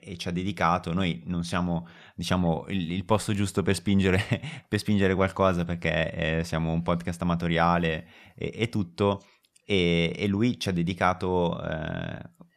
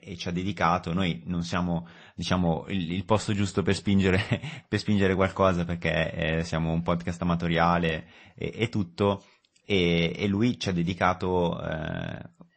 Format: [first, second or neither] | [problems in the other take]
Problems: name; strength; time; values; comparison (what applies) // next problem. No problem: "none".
first | garbled, watery; slightly; nothing above 8 kHz